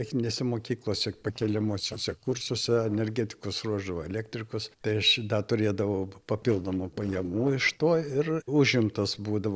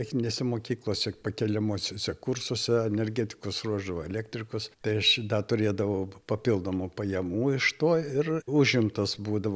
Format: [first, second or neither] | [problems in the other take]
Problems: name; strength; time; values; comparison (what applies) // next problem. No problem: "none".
second | noise reduction (neural separator model SepFormer DNS4)